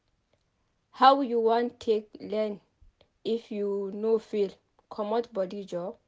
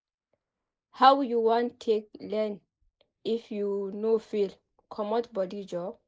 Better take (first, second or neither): first